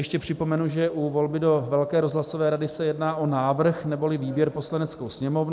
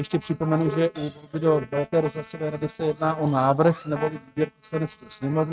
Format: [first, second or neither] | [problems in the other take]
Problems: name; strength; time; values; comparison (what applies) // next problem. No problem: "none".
first | noise reduction (neural mask model RNNoise)